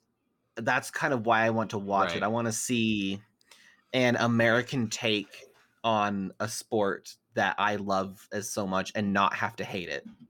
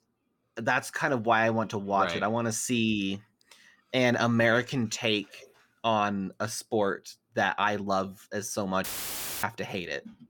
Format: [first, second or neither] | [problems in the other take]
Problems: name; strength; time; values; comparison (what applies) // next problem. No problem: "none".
first | audio cutting out; filled with static; at 9 s for 0.5 s